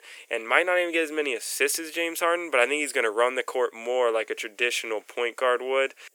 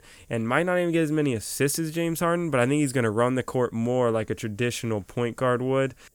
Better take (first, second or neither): second